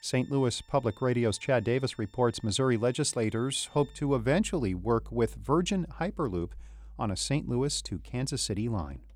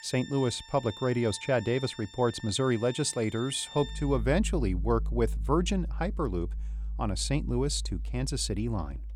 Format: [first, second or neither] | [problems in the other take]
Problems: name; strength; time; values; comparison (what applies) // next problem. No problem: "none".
first | background music; loud; throughout; 8 dB below the speech; faint in the first